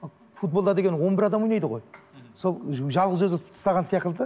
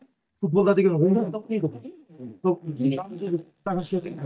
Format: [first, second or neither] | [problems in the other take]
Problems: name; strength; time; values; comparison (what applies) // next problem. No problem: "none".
first | noise reduction (neural mask model DeepFilterNet 3)